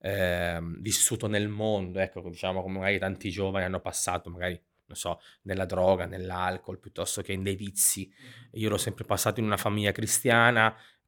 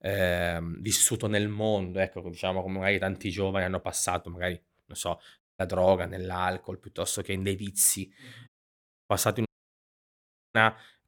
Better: first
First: none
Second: audio cutting out; at 5.5 s, at 8.5 s for 0.5 s and at 9.5 s for 1 s

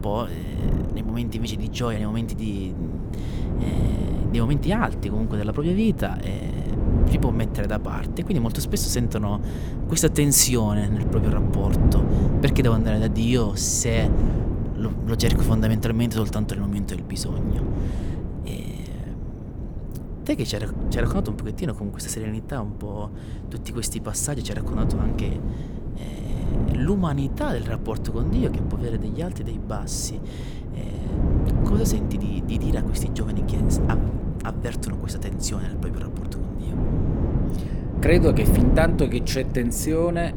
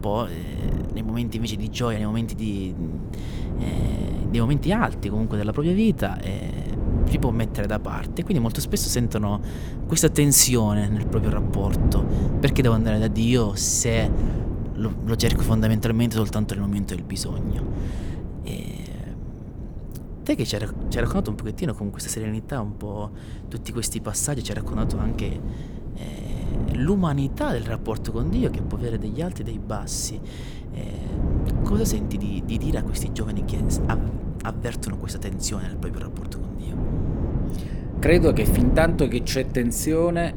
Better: second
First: wind noise on the microphone; heavy; 6 dB below the speech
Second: wind noise on the microphone; occasional gusts; 10 dB below the speech

